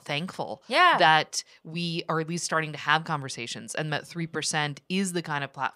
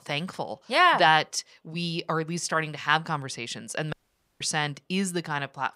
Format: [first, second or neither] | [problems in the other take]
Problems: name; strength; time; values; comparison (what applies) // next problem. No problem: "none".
first | audio cutting out; at 4 s